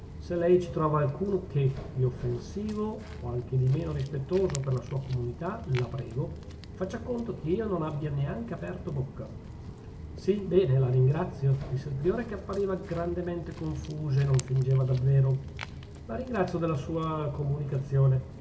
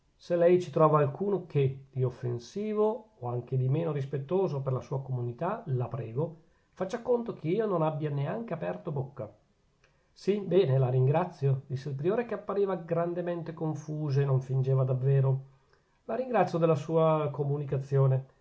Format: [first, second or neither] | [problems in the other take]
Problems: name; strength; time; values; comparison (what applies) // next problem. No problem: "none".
second | background sound (Walk, footsteps); 12 dB below the speech // room echo; dies away in 1.3 s